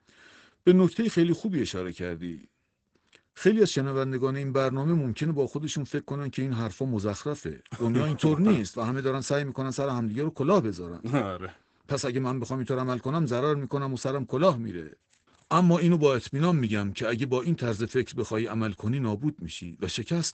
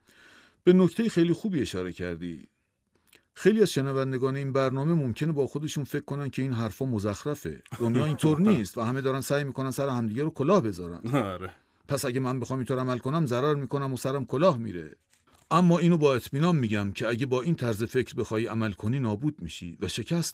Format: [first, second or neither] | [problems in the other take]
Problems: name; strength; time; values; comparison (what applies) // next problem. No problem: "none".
second | garbled, watery; badly; nothing above 8 kHz; slightly in the second